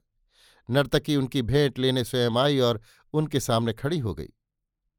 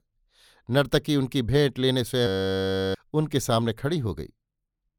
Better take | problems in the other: first | audio freezing; at 2.5 s for 0.5 s

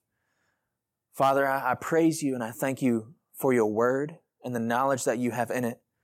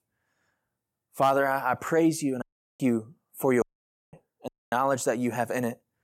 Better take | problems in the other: first | audio cutting out; at 2.5 s, at 3.5 s for 0.5 s and at 4.5 s

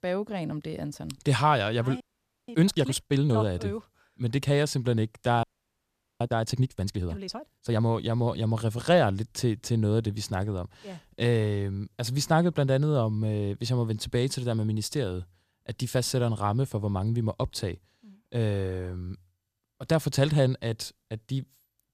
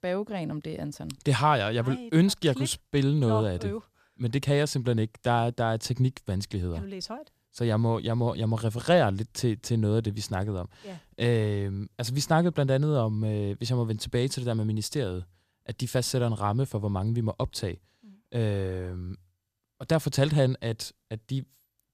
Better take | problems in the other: second | audio freezing; at 2 s and at 5.5 s for 1 s

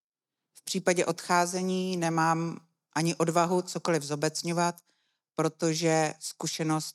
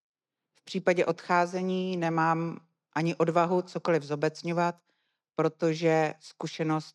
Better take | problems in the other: first | muffled; slightly; fading above 3 kHz

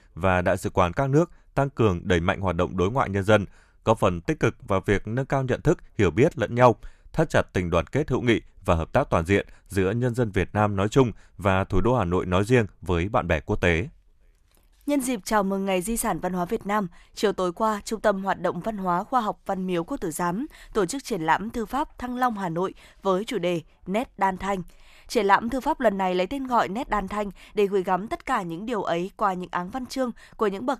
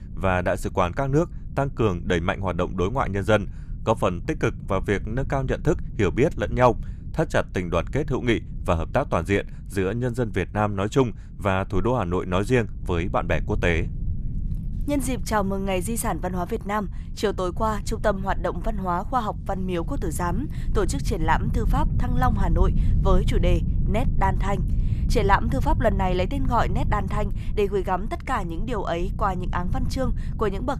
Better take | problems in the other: first | low rumble; noticeable; throughout; 20 dB below the speech

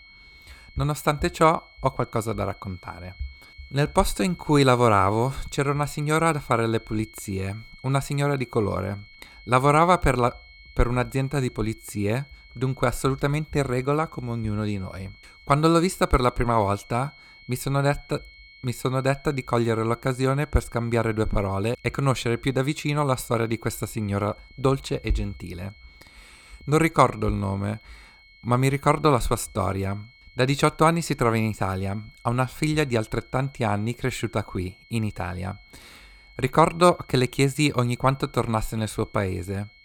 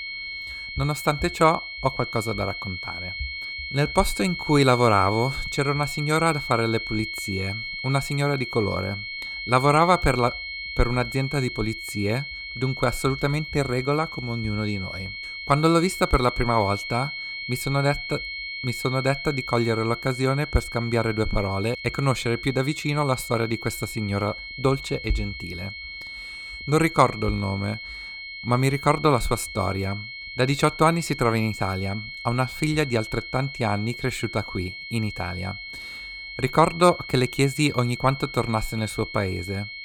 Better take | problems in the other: first | high-pitched whine; loud; throughout; 2 kHz, 8 dB below the speech; faint in the first

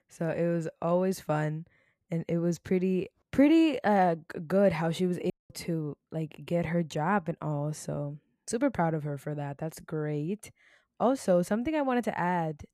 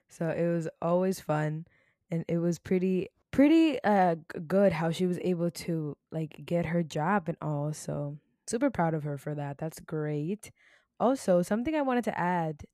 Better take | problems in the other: second | audio cutting out; at 5.5 s

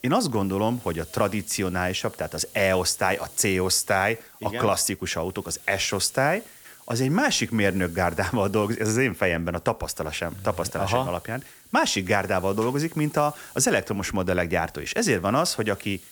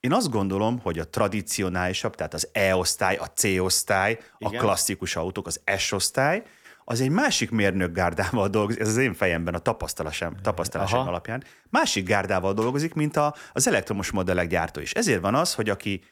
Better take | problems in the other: second | hiss; faint; throughout; 20 dB below the speech

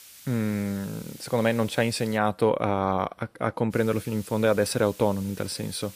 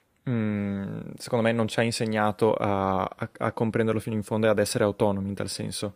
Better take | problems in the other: second | hiss; noticeable; until 2 s and from 3.5 s on; 20 dB below the speech

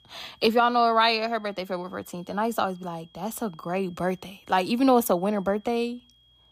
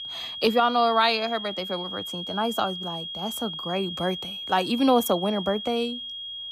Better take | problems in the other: first | high-pitched whine; loud; throughout; 3.5 kHz, 7 dB below the speech; faint in the first

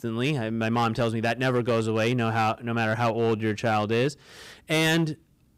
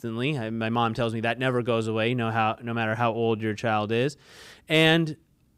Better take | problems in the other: second | distortion; slight; 7% of the sound clipped

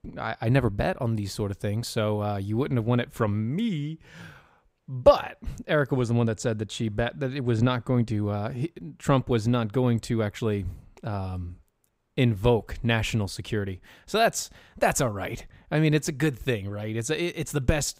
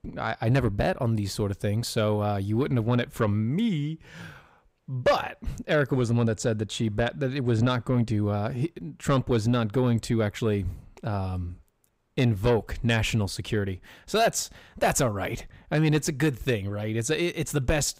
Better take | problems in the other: first | distortion; slight; 10 dB below the speech

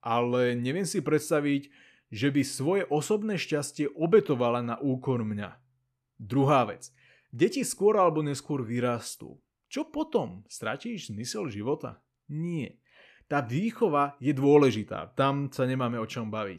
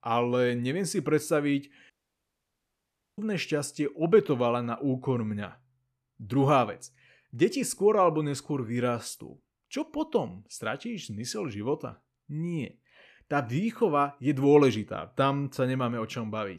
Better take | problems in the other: first | audio cutting out; at 2 s for 1.5 s

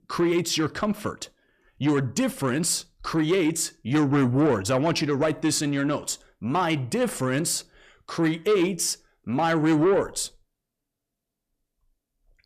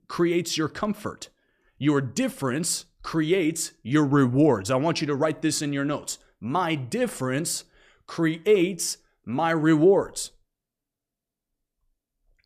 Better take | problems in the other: second | distortion; slight; 10 dB below the speech

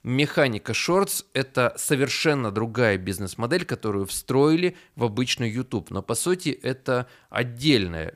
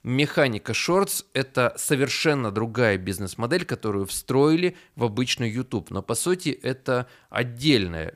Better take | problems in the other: neither | none

